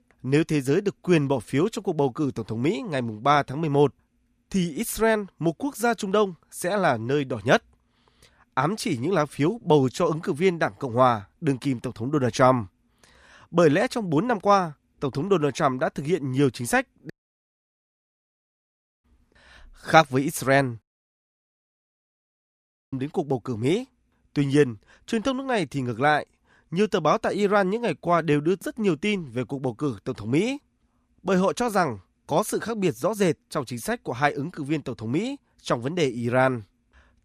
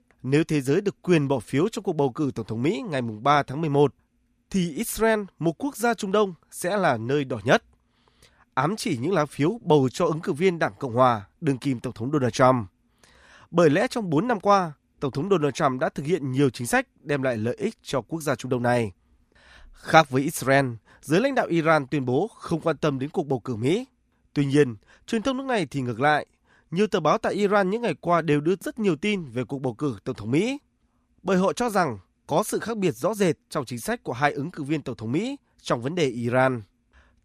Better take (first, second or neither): second